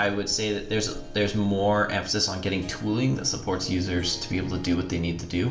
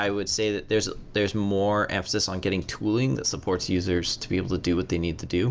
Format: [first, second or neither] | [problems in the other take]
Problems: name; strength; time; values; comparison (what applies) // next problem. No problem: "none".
second | background sound (Harp); 20 dB below the speech // room echo; dies away in 0.8 s